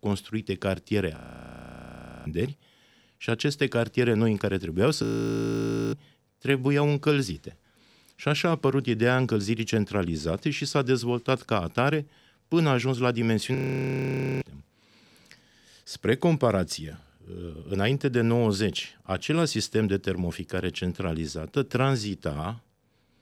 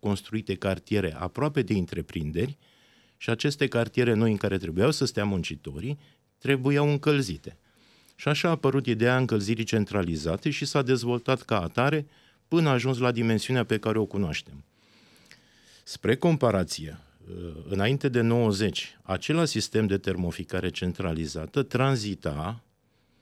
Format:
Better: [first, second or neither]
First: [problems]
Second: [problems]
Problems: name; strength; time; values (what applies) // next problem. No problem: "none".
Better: second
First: audio freezing; at 1 s for 1 s, at 5 s for 1 s and at 14 s for 1 s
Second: none